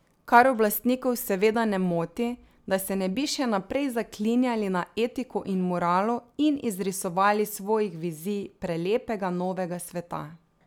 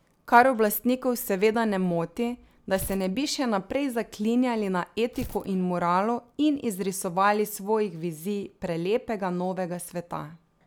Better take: first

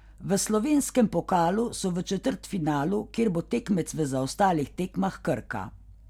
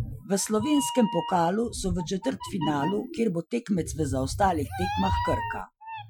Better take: first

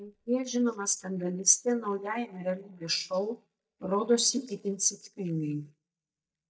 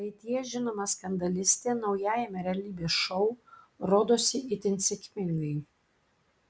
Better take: second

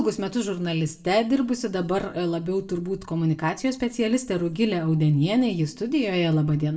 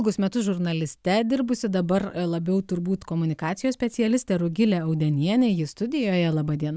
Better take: second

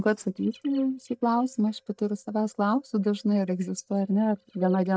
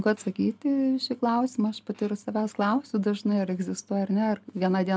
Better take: second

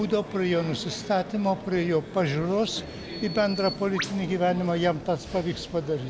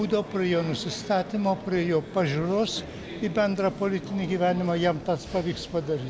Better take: second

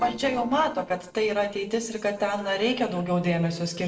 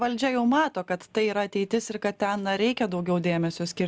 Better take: second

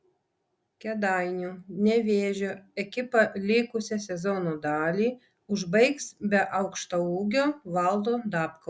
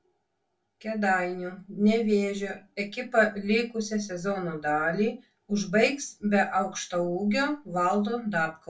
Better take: first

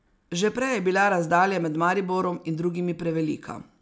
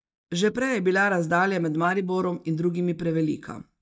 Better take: first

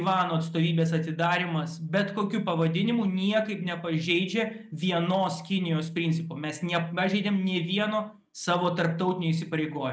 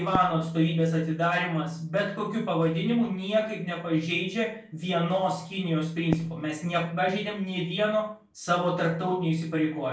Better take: first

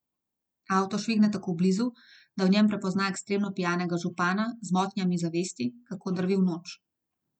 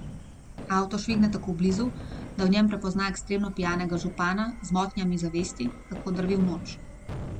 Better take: first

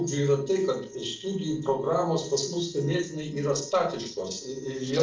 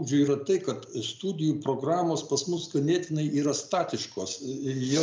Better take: second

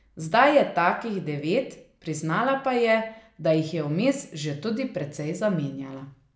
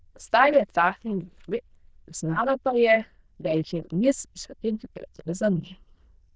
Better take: first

